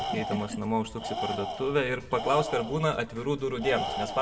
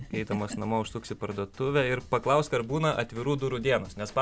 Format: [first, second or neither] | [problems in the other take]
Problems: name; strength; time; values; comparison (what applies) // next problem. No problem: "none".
second | background sound (Tools); 7 dB below the speech // room echo; dies away in 0.8 s